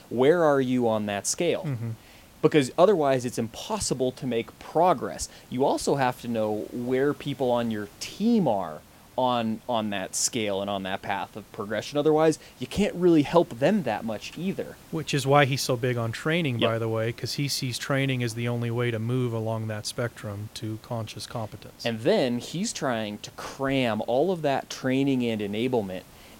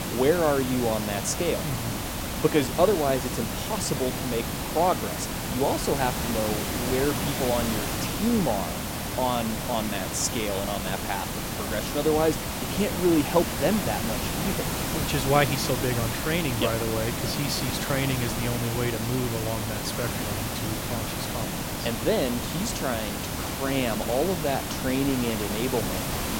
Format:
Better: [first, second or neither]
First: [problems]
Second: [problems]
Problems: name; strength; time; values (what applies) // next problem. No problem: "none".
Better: first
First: hiss; faint; throughout; 25 dB below the speech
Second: hiss; loud; throughout; 2 dB below the speech